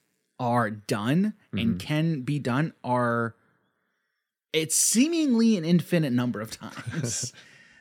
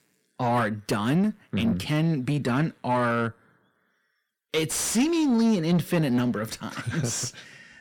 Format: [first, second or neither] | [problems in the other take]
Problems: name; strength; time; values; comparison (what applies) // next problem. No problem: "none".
first | distortion; slight; 9 dB below the speech